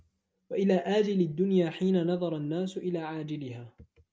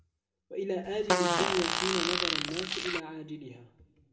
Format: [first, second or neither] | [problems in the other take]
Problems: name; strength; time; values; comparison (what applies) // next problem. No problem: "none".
first | background sound (Fart); 5 dB above the speech // room echo; dies away in 1.5 s